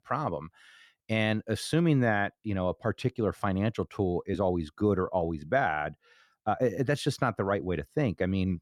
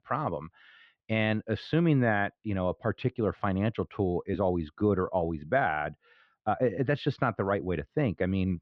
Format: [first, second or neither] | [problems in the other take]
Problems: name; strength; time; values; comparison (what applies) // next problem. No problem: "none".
first | muffled; slightly; fading above 3.5 kHz